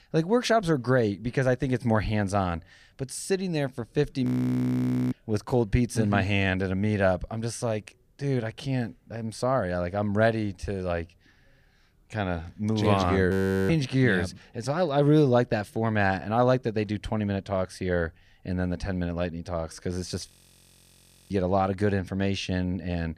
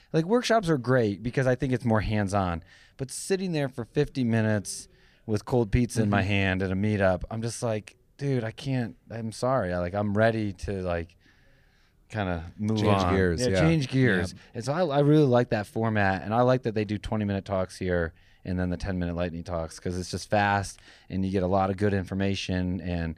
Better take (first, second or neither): second